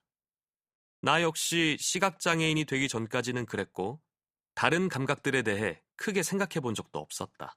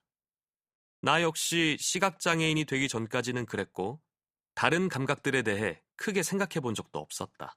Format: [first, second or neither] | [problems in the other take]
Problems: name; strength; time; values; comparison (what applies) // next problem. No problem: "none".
neither | none